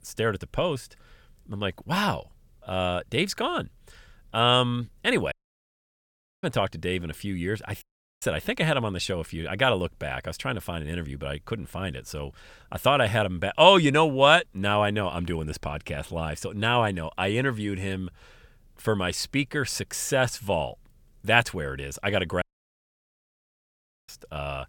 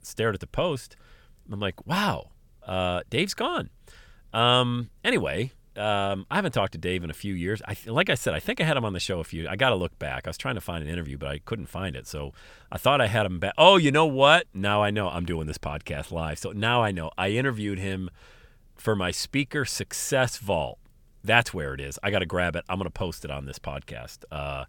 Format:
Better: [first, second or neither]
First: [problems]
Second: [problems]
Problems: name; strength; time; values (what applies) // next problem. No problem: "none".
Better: second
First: audio cutting out; at 5.5 s for 1 s, at 8 s and at 22 s for 1.5 s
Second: none